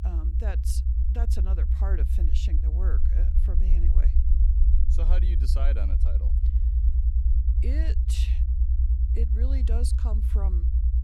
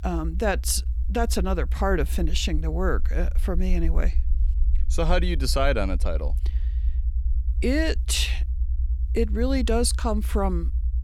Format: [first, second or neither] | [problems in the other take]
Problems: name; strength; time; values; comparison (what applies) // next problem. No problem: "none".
second | low rumble; loud; throughout; 2 dB below the speech; faint in the second